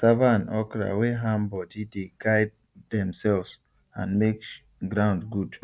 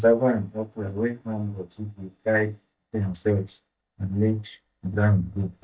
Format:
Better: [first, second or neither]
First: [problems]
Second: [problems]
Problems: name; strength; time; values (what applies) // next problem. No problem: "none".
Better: first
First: none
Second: noise reduction (neural mask model DeepFilterNet 3)